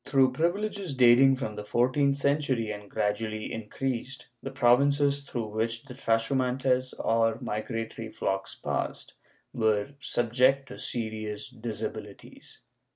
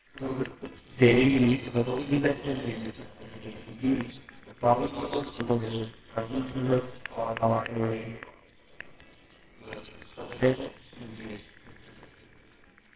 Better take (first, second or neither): first